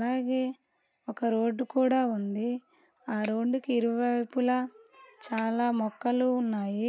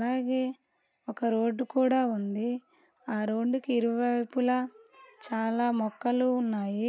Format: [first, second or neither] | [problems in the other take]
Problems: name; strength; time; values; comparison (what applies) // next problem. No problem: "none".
second | background sound (Finger snapping); 17 dB below the speech